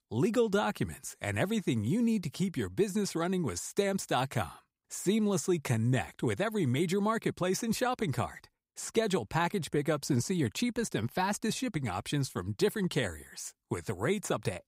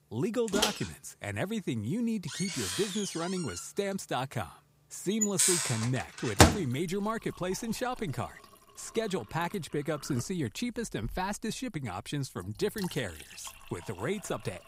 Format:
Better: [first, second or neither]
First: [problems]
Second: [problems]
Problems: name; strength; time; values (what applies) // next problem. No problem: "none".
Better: first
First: none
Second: household noises; very loud; throughout; 4 dB above the speech